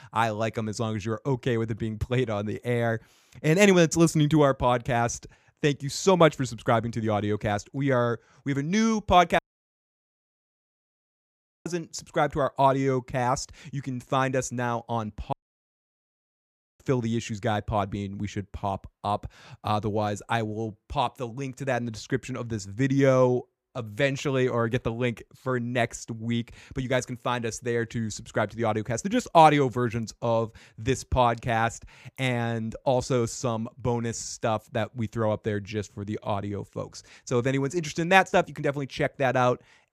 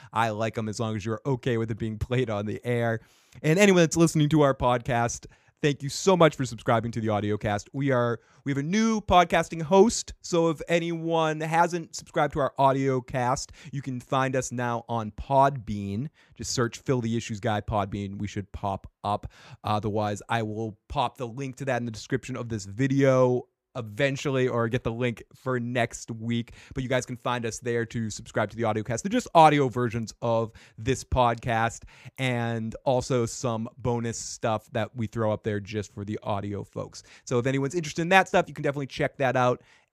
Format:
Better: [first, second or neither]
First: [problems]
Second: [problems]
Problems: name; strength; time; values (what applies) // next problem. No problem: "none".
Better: second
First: audio cutting out; at 9.5 s for 2.5 s and at 15 s for 1.5 s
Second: none